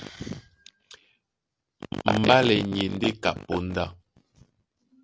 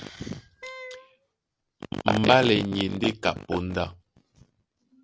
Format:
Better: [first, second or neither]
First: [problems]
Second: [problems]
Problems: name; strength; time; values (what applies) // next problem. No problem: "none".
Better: first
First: none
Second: background sound (Wind instrument, woodwind instrument); 17 dB below the speech